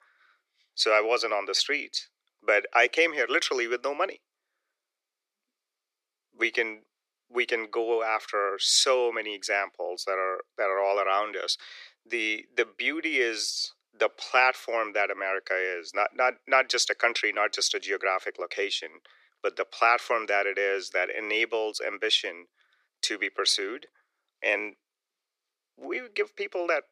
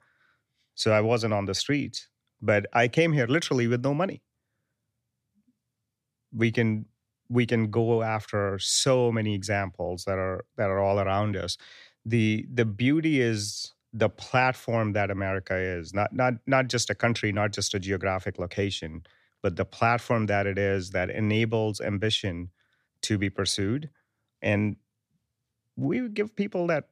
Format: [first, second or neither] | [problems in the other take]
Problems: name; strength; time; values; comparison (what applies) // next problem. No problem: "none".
second | thin; very; fading below 350 Hz